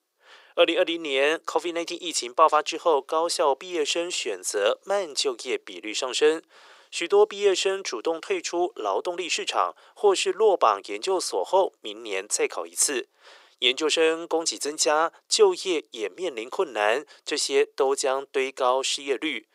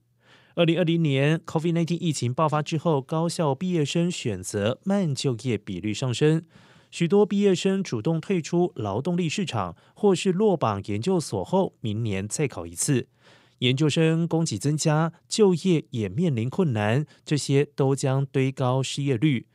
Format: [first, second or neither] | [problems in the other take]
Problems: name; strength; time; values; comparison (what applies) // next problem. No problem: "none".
second | thin; very; fading below 400 Hz